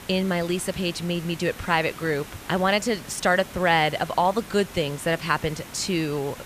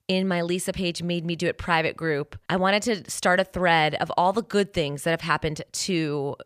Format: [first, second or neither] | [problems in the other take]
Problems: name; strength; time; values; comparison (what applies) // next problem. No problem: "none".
second | hiss; noticeable; throughout; 15 dB below the speech